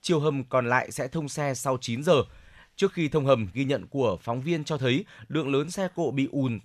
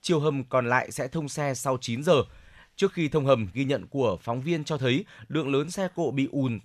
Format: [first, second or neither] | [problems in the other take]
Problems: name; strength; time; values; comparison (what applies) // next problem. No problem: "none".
neither | none